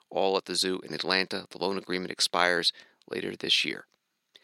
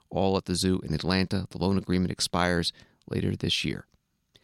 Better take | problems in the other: second | thin; somewhat; fading below 400 Hz

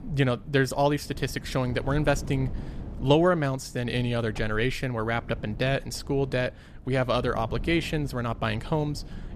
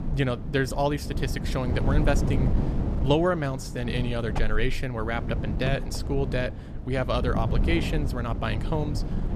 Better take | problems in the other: first | wind noise on the microphone; heavy; 9 dB below the speech; occasional gusts in the first

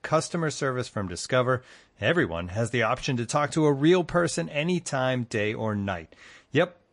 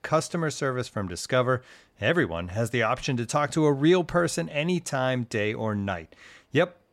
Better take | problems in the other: second | garbled, watery; slightly; nothing above 10 kHz

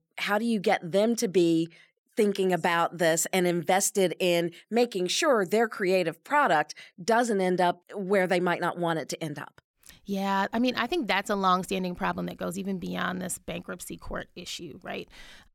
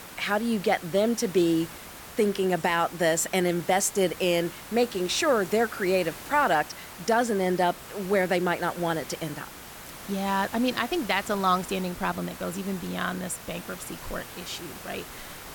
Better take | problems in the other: first | hiss; noticeable; throughout; 15 dB below the speech

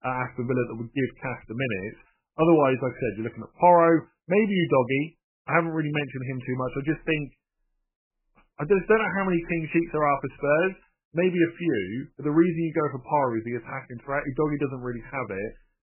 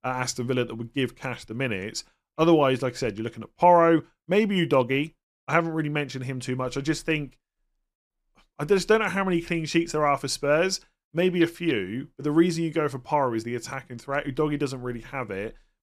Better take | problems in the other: second | garbled, watery; badly; nothing above 3 kHz

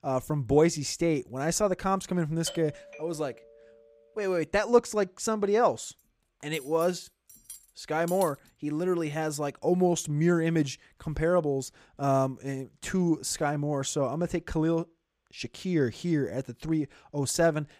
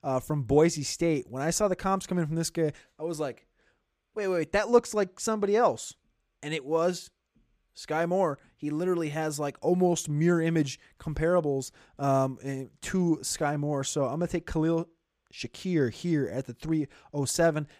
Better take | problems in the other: second | doorbell; faint; at 2.5 s; peak 10 dB below the speech // clattering dishes; faint; from 6.5 to 8.5 s; peak 15 dB below the speech

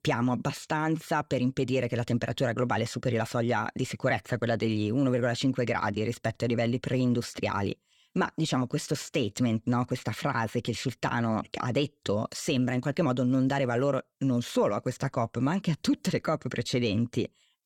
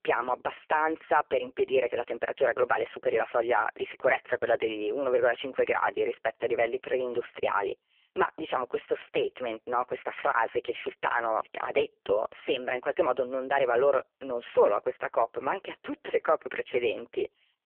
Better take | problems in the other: first | phone-call audio; poor line; nothing above 3 kHz

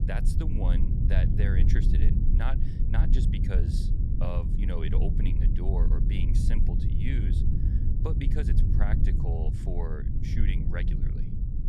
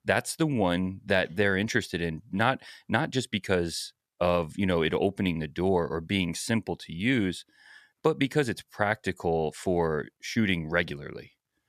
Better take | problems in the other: second | low rumble; loud; throughout; 1 dB below the speech

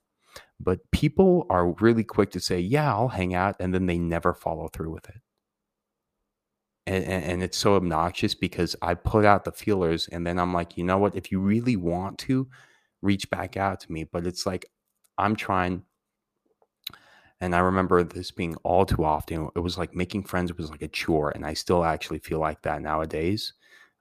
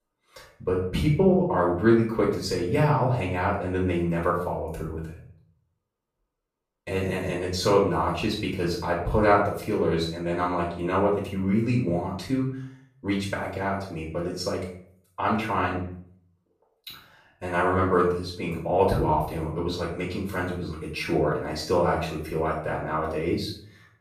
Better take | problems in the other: first | off-mic speech; far // room echo; noticeable; dies away in 0.5 s

